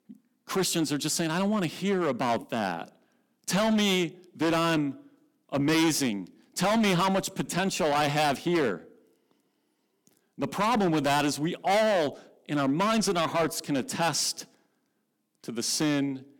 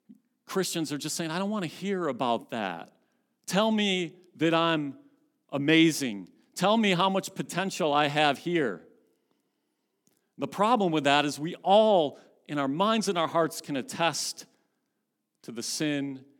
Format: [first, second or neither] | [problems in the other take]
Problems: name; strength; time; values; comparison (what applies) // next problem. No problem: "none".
second | distortion; heavy; 11% of the sound clipped